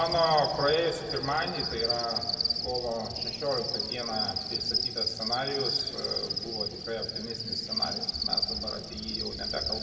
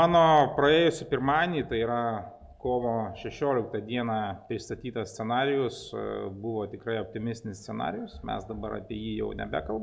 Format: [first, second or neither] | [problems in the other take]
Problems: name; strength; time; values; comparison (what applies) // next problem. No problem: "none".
second | background sound (Cricket); 1 dB below the speech // room echo; dies away in 1.9 s